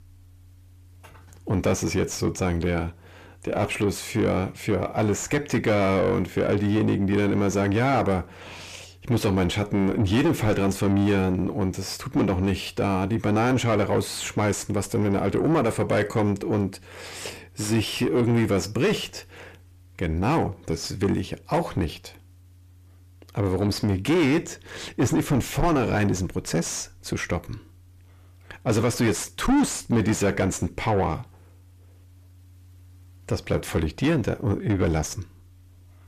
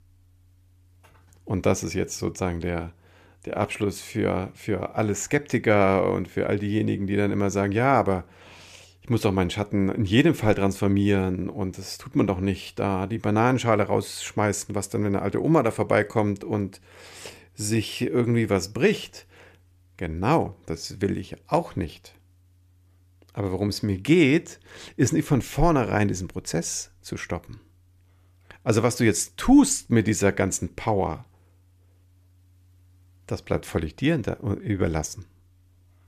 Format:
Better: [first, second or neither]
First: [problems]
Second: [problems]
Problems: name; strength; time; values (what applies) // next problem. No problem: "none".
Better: second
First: distortion; heavy; 6 dB below the speech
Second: none